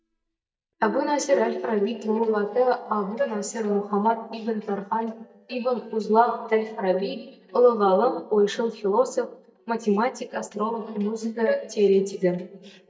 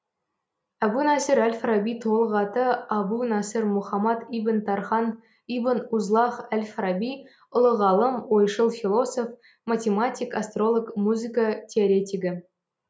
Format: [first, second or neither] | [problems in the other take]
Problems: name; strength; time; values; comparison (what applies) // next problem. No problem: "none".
second | noise reduction (neural mask model DeepFilterNet 3)